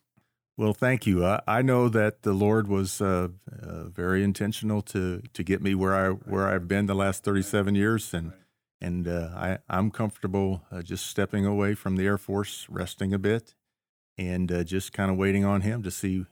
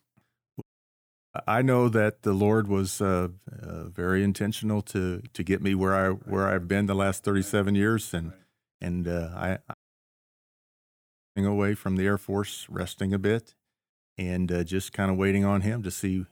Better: first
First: none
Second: audio cutting out; at 0.5 s for 0.5 s and at 9.5 s for 1.5 s

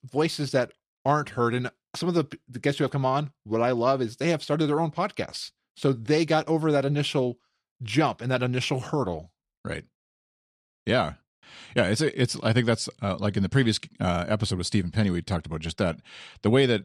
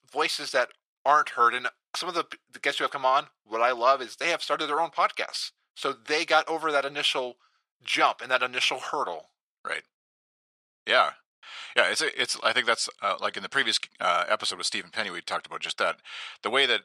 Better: first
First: none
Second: thin; very; fading below 800 Hz

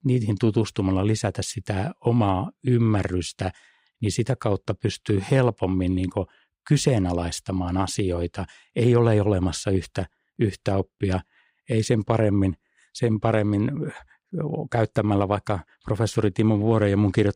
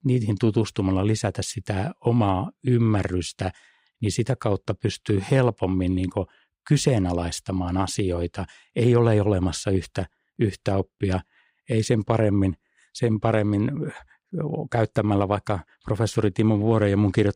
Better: neither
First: none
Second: none

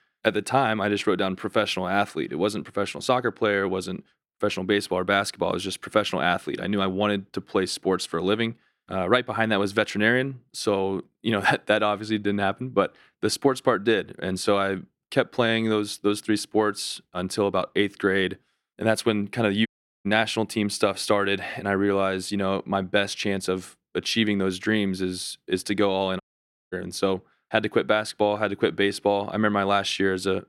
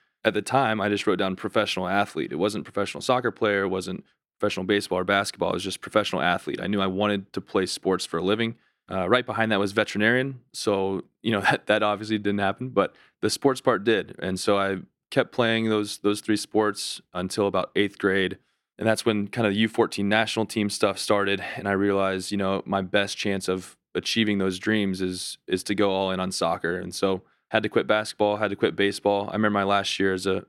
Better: second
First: audio cutting out; at 20 s and at 26 s for 0.5 s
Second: none

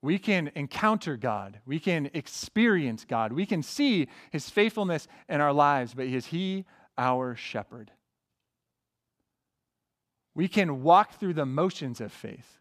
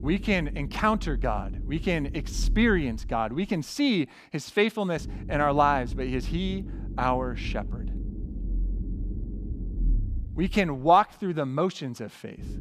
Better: first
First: none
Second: low rumble; faint; throughout; 20 dB below the speech

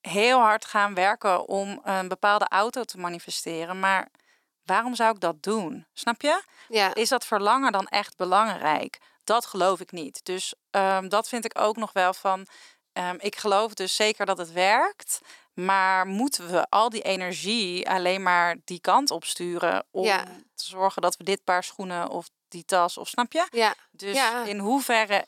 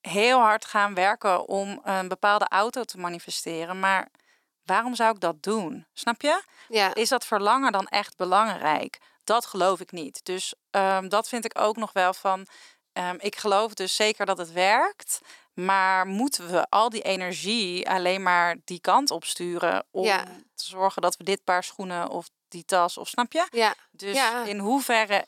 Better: neither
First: thin; somewhat; fading below 400 Hz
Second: thin; somewhat; fading below 400 Hz

